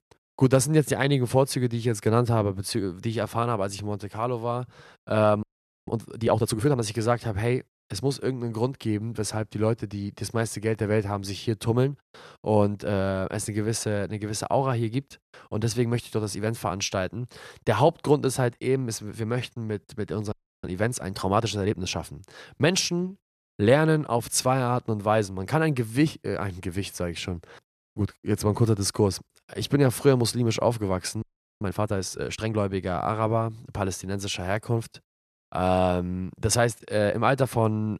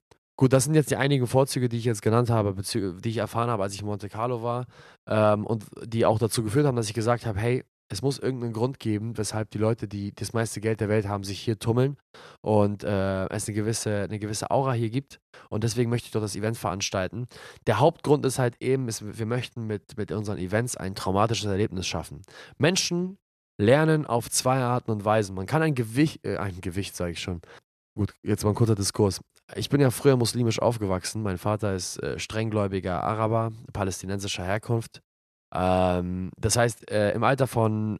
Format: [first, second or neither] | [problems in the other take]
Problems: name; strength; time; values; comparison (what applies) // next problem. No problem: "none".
second | audio freezing; at 5.5 s, at 20 s and at 31 s